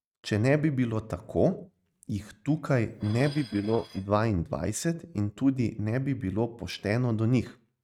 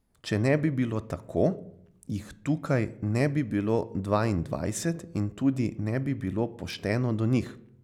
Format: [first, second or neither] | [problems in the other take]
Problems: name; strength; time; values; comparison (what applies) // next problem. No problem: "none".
second | noise reduction (neural mask model RNNoise)